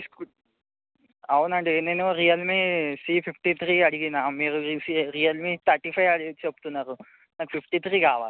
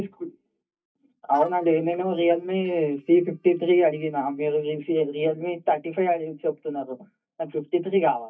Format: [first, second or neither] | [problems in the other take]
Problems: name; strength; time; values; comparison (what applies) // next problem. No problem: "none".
first | noise reduction (neural mask model DeepFilterNet 3)